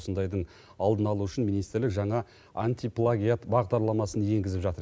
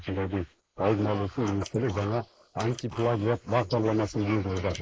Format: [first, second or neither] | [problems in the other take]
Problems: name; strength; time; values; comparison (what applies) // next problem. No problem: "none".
first | noise reduction (neural mask model Resemble Enhance denoiser)